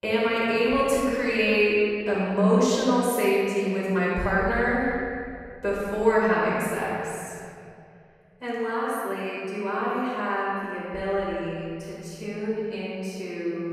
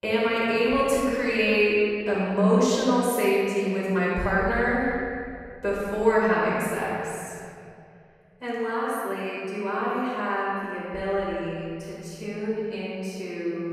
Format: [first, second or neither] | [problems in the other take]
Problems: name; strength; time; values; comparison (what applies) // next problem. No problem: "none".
neither | room echo; strong; dies away in 2.5 s; the same in both // off-mic speech; far; the same in both